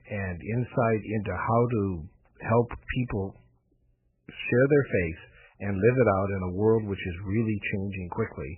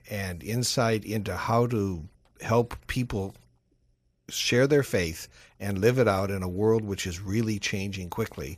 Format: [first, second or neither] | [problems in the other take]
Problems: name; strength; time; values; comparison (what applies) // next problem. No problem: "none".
second | garbled, watery; badly; nothing above 2.5 kHz